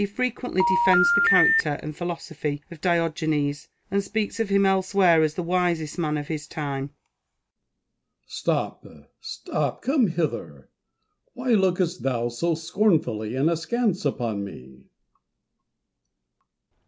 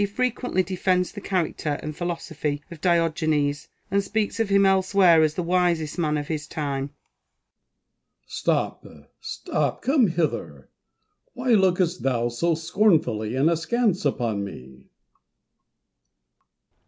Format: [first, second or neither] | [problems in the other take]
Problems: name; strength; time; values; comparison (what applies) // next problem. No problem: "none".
second | background sound (Telephone); 4 dB above the speech